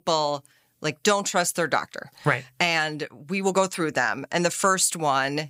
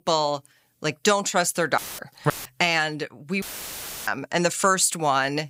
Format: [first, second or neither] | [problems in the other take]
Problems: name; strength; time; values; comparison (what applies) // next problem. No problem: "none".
first | audio cutting out; filled with static; at 2 s, at 2.5 s and at 3.5 s for 0.5 s